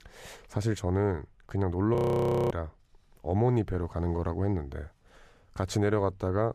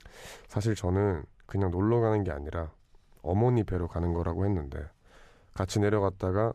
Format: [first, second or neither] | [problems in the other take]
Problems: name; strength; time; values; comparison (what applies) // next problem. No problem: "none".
second | audio freezing; at 2 s for 0.5 s